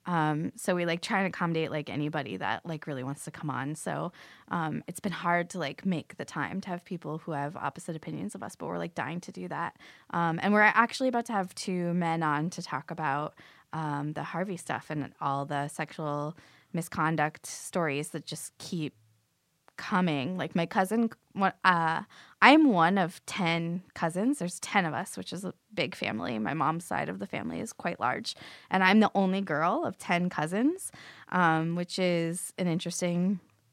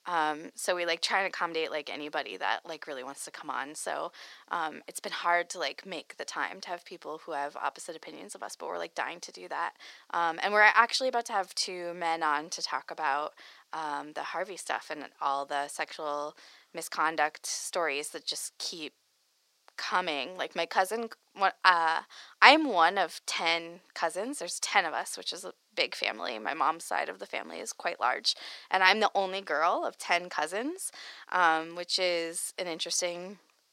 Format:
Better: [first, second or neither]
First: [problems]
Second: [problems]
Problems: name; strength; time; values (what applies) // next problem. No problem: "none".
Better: first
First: none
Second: thin; very; fading below 450 Hz